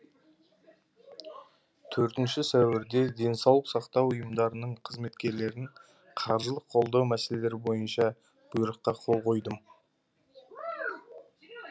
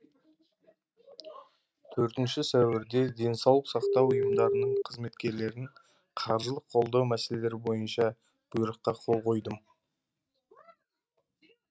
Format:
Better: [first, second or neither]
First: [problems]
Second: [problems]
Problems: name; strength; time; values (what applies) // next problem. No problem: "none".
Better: first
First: none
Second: noise reduction (neural mask model RNNoise)